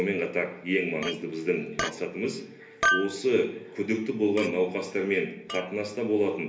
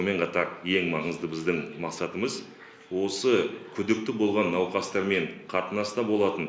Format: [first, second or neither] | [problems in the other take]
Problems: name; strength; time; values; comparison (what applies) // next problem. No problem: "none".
second | background sound (Chink, clink); 7 dB below the speech // room echo; dies away in 0.3 s